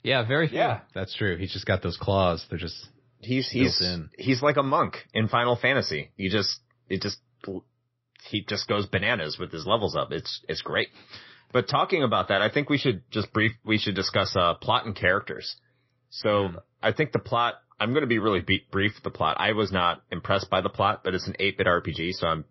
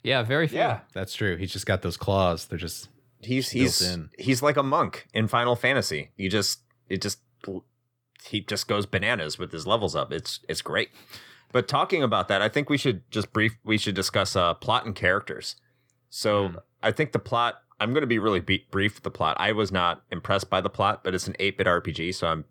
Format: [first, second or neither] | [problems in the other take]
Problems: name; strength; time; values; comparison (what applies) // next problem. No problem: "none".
second | garbled, watery; slightly; nothing above 5.5 kHz